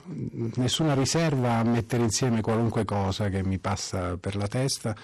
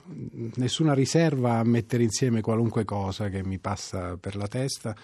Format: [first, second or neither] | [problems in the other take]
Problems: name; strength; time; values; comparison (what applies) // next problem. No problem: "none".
second | distortion; heavy; 17% of the sound clipped